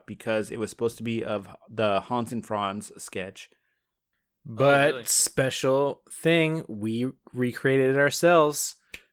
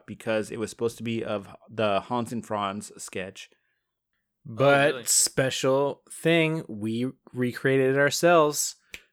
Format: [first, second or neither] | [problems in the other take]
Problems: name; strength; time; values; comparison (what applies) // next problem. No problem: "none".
second | garbled, watery; slightly